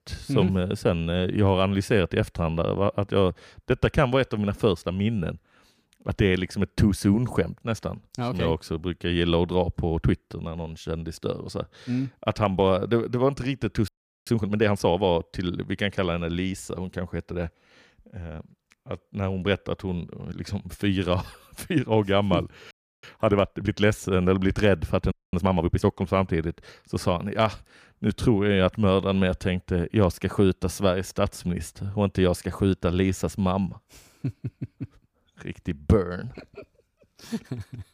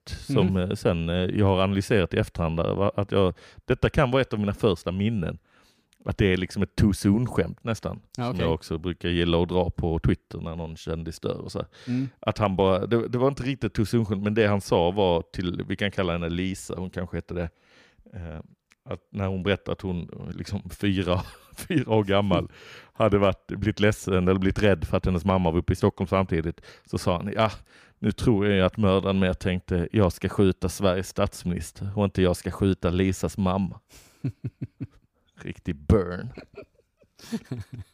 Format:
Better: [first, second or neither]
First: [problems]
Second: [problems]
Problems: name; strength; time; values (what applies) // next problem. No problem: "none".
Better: second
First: audio freezing; at 14 s, at 23 s and at 25 s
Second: none